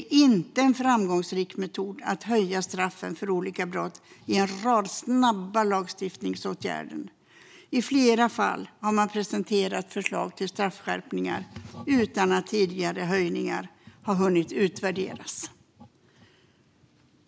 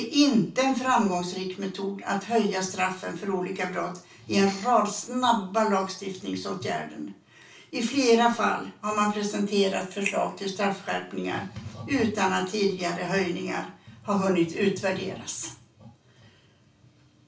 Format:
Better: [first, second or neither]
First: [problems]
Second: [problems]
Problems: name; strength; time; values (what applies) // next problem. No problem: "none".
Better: first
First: none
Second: room echo; dies away in 0.3 s